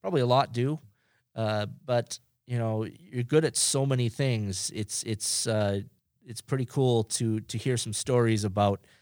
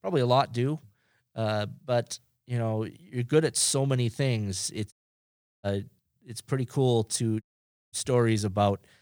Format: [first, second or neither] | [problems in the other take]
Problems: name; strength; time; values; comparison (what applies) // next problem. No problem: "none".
first | audio cutting out; at 5 s for 0.5 s and at 7.5 s for 0.5 s